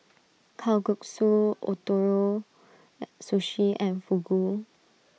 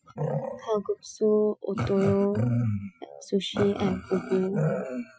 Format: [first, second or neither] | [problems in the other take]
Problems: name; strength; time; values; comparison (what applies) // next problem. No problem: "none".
first | noise reduction (classical method Wiener filter)